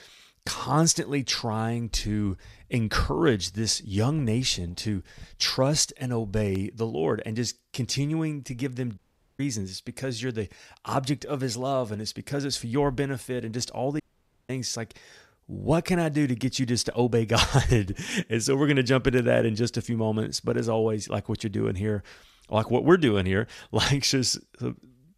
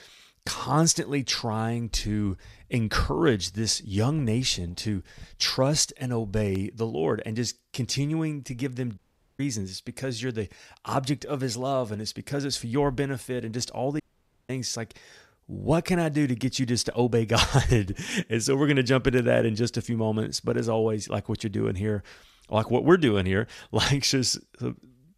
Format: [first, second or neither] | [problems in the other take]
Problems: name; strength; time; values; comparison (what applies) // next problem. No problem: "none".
neither | audio cutting out; at 9 s and at 14 s; the same in both